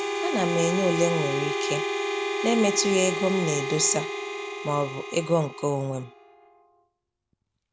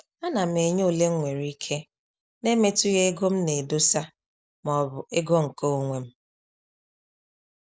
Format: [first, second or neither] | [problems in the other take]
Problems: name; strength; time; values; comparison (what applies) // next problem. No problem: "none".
second | background sound (Harmonica); 3 dB below the speech